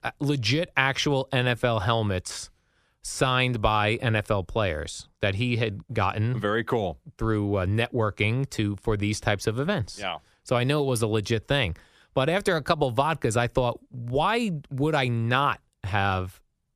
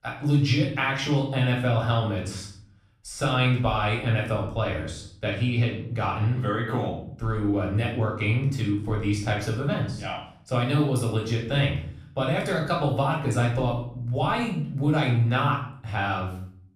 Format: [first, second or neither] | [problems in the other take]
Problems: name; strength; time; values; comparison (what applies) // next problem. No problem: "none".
first | off-mic speech; far // room echo; noticeable; dies away in 0.6 s